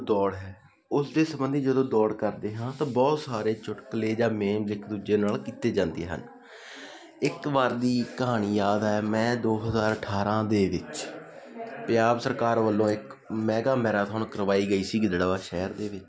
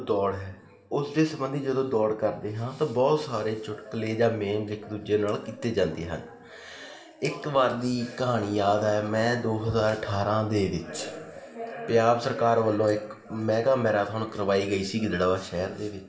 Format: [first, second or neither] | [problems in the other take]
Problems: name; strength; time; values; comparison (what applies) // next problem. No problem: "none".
first | room echo; dies away in 1.7 s